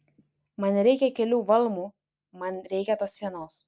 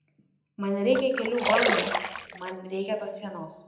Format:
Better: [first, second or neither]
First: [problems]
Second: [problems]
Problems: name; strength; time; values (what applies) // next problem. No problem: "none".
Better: first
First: none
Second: background sound (Splash, splatter); as loud as the speech // room echo; dies away in 0.7 s